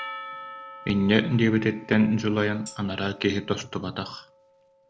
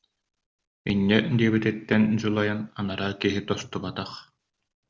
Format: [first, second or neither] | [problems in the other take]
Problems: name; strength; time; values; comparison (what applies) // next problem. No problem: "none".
second | background sound (Percussion + Tambourine); 17 dB below the speech